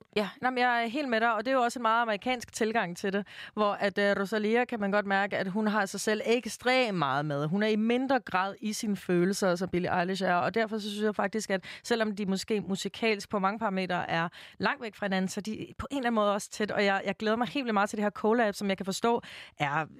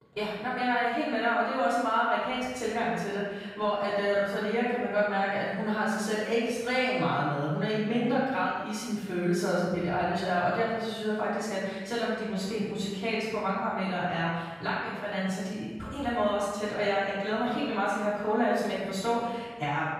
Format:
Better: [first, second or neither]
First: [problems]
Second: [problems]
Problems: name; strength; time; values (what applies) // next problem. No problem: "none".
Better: first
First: none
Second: off-mic speech; far // room echo; strong; dies away in 1.3 s